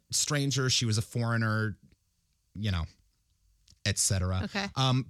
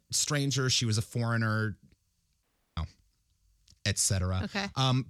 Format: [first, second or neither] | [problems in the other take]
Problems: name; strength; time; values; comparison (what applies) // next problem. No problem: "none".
first | audio cutting out; at 2.5 s